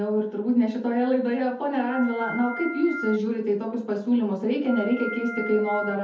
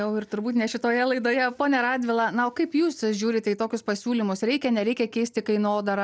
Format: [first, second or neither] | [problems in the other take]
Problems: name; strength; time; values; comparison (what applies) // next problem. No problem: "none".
second | background sound (Organ); 9 dB below the speech // room echo; dies away in 0.5 s